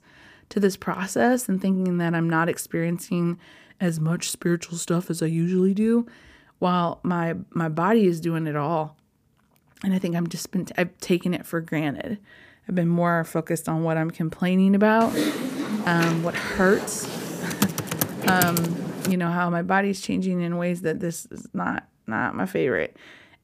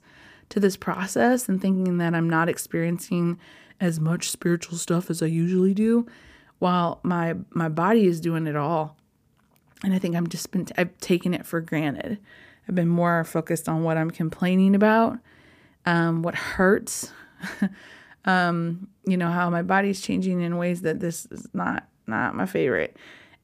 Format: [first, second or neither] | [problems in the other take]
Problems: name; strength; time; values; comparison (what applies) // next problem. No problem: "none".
second | keyboard typing; loud; from 15 to 19 s; peak level with the speech